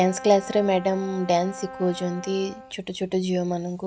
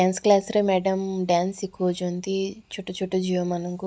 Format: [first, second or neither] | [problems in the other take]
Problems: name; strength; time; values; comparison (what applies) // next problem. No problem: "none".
second | background sound (Brass instrument); 16 dB below the speech